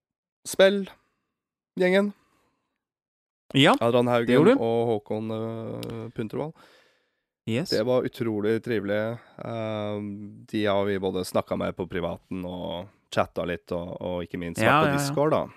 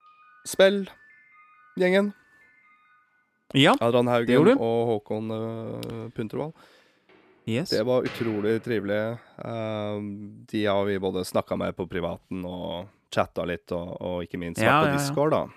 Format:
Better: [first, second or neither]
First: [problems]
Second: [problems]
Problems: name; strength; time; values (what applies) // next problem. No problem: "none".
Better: first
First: none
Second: door banging; faint; until 9 s; peak 15 dB below the speech